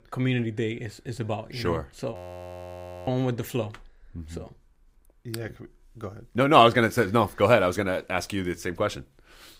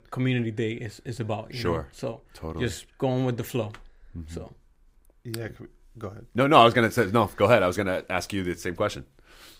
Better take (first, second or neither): second